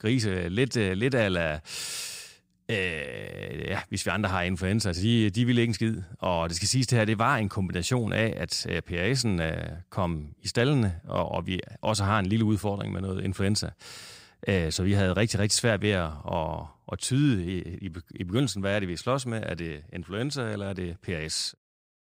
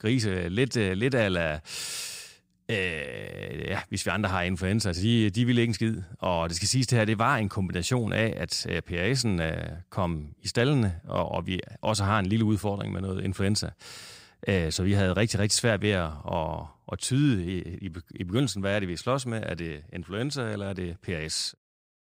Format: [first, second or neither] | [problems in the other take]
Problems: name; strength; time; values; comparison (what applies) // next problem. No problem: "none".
neither | none